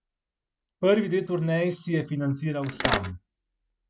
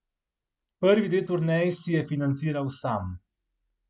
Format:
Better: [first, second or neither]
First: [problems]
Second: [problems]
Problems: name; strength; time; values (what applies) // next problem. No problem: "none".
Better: second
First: background sound (Mechanisms); 1 dB below the speech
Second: none